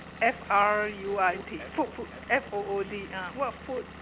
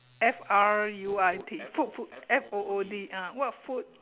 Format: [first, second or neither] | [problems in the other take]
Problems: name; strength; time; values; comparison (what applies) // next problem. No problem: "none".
second | background sound (Engine / Vehicle); 15 dB below the speech